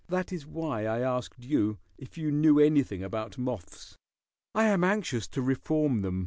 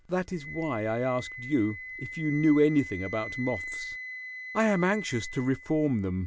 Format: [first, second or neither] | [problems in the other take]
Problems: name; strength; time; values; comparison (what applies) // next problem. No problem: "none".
first | background sound (Wind instrument, woodwind instrument); 12 dB below the speech